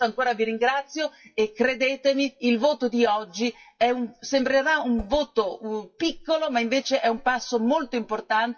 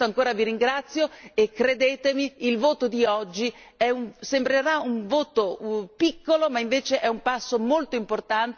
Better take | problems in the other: second | noise reduction (classical method WPE with log-MMSE)

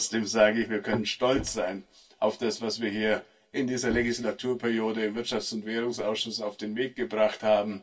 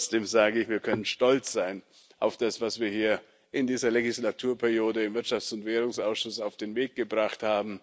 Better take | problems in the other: second | background sound (Knock); 18 dB below the speech // room echo; dies away in 0.1 s

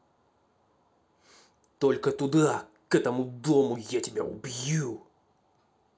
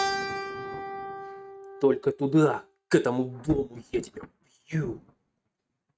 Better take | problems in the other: first | noise reduction (neural mask model RNNoise)

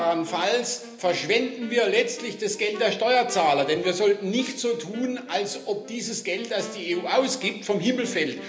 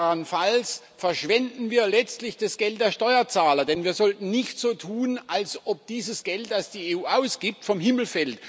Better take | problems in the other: second | background sound (Wind instrument, woodwind instrument); 18 dB below the speech // room echo; dies away in 0.8 s

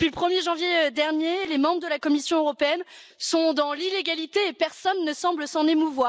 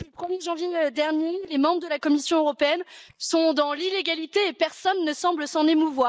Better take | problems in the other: first | noise reduction (neural mask model DeepFilterNet 3)

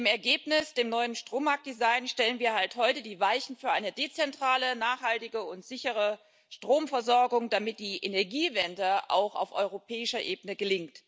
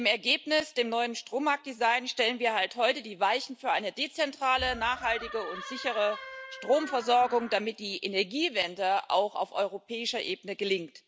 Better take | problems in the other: first | background sound (Door); 12 dB below the speech

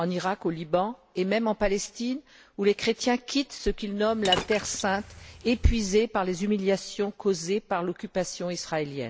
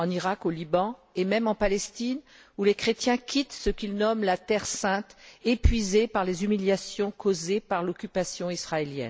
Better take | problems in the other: second | background sound (Liquid); 8 dB below the speech

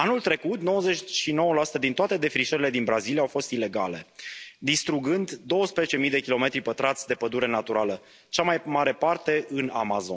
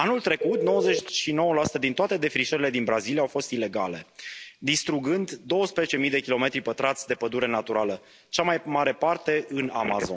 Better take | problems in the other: first | background sound (Telephone); 11 dB below the speech

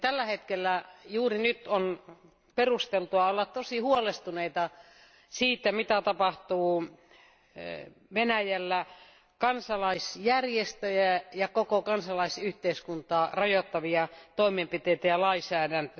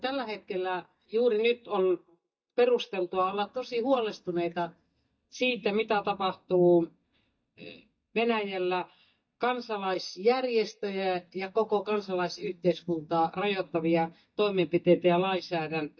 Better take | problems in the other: first | noise reduction (neural mask model DeepFilterNet 3)

